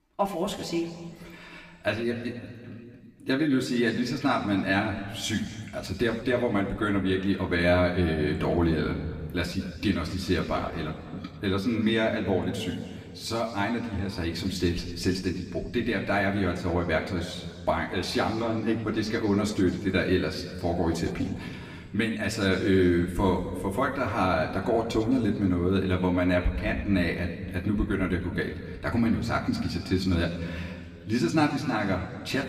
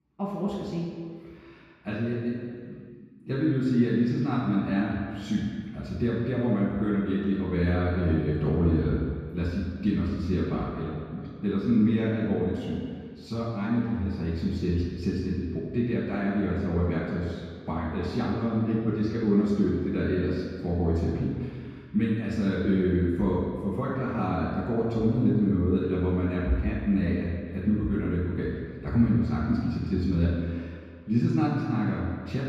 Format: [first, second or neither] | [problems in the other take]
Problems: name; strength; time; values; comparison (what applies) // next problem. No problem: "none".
first | room echo; strong; dies away in 2 s; slight in the first // off-mic speech; far; somewhat distant in the first